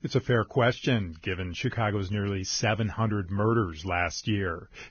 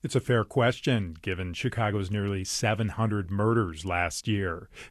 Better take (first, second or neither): second